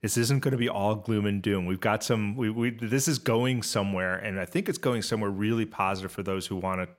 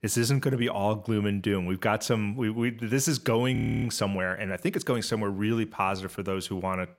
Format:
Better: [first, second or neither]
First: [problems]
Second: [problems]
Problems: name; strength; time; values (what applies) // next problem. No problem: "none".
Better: first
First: none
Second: audio freezing; at 3.5 s